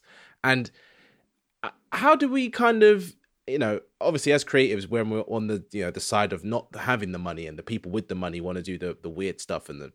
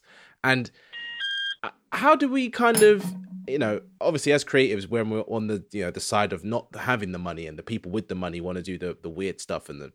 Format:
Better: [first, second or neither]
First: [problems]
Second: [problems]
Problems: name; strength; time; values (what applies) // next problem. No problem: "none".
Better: first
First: none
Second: alarm; noticeable; at 1 s; peak 2 dB below the speech // clattering dishes; noticeable; at 2.5 s; peak 2 dB below the speech